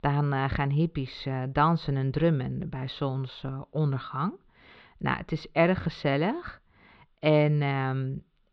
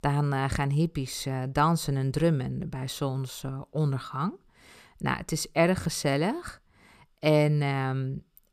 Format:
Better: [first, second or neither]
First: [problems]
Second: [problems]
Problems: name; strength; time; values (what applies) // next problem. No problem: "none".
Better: second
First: muffled; slightly; fading above 4 kHz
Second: none